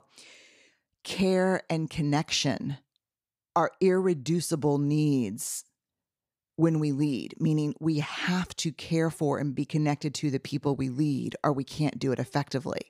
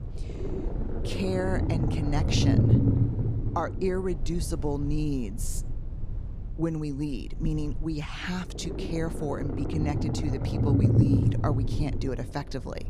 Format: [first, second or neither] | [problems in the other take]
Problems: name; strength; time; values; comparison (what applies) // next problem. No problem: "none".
first | low rumble; loud; throughout; 1 dB below the speech